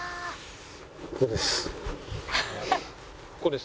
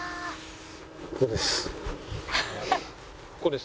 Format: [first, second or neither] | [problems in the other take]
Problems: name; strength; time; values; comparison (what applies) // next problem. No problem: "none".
first | background sound (Bowed string instrument); 19 dB below the speech